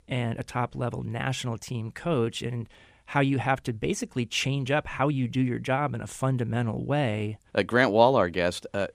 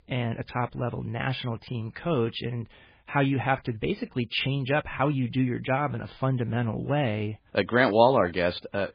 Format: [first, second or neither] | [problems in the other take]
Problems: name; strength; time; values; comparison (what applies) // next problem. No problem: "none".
first | garbled, watery; badly; nothing above 4 kHz